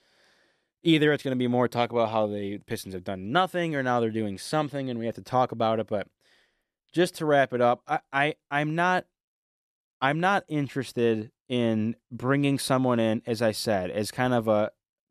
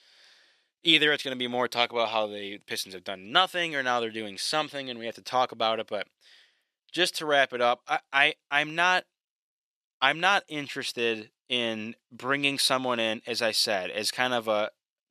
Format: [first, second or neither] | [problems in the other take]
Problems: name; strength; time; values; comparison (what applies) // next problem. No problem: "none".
first | thin; somewhat; fading below 750 Hz